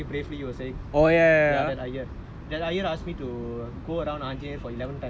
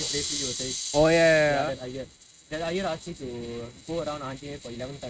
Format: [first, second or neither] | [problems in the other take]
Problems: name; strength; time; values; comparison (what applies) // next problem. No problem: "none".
first | noise reduction (neural mask model RNNoise)